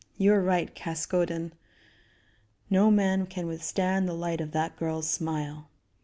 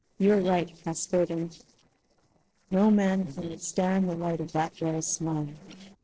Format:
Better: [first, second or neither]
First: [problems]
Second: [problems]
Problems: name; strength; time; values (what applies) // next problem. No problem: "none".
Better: first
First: none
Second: noise reduction (neural separator model SepFormer DNS4)